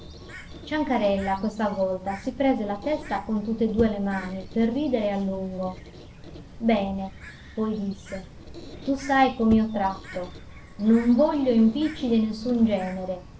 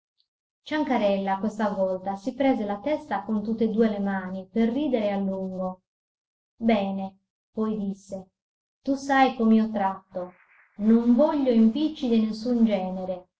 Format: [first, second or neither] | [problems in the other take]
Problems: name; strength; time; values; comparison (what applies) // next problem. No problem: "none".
second | background sound (Bird + Squeak); 15 dB below the speech